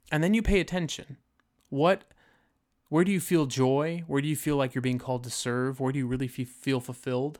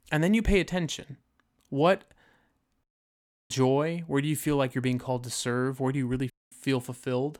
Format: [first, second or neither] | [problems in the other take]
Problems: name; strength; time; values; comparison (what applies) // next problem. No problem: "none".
first | audio cutting out; at 3 s for 0.5 s and at 6.5 s